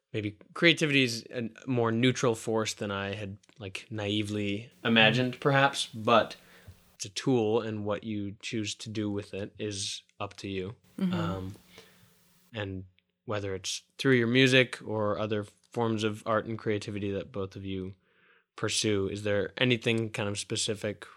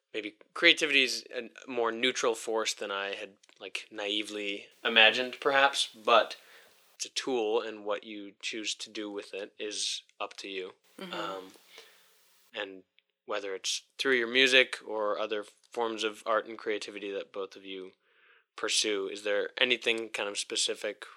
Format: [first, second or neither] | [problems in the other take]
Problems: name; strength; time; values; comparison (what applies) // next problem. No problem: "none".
first | thin; somewhat; fading below 400 Hz